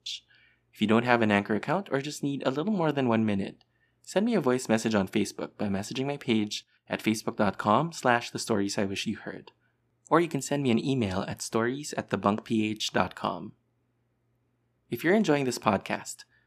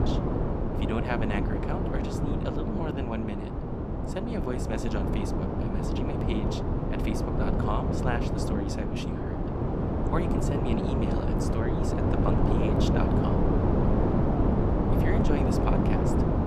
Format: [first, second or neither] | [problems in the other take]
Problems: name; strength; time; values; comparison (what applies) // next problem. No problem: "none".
first | wind noise on the microphone; heavy; 4 dB above the speech